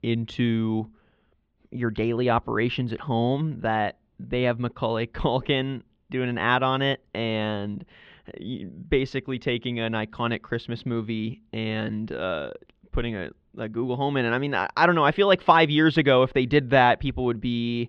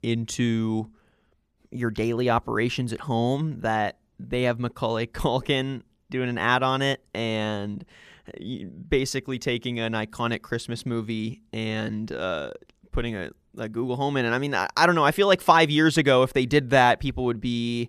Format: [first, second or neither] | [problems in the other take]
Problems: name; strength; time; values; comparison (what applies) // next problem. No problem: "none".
second | muffled; slightly; fading above 3.5 kHz